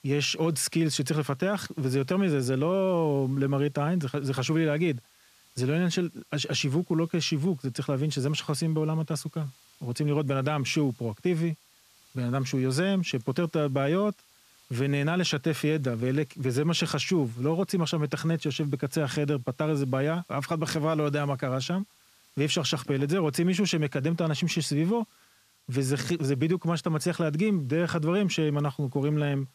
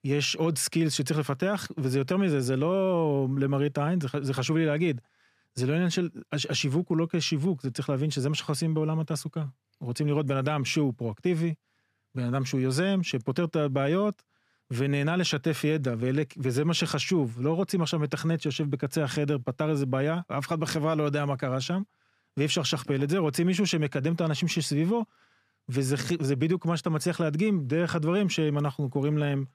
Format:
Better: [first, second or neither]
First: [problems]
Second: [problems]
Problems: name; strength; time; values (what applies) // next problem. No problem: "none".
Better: second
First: hiss; faint; throughout; 30 dB below the speech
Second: none